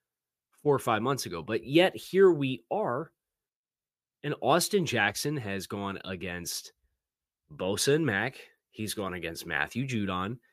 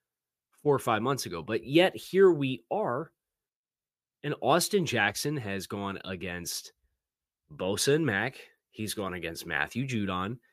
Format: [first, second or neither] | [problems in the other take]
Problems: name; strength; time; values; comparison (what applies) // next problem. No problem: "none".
neither | none